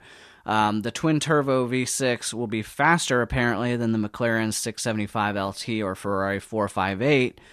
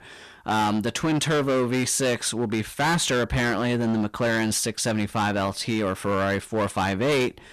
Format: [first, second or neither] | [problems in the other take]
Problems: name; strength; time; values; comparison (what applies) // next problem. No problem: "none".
first | distortion; heavy; 17% of the sound clipped